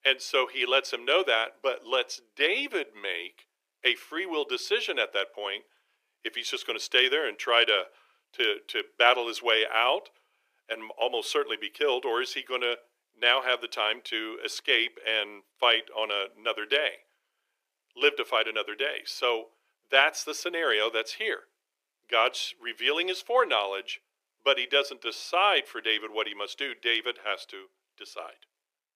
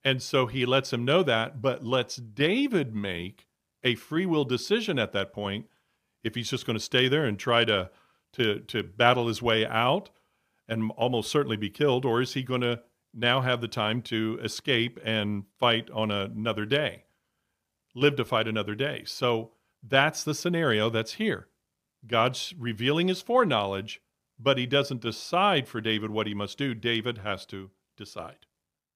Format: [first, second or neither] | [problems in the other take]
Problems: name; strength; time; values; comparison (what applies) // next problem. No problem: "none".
second | thin; very; fading below 350 Hz